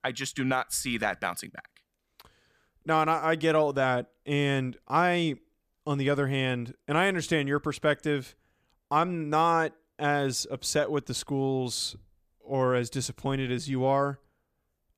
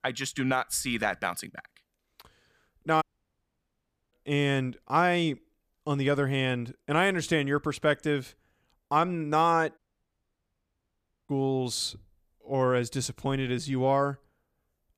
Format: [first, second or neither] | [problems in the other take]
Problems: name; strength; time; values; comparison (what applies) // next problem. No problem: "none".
first | audio cutting out; at 3 s for 1 s and at 10 s for 1.5 s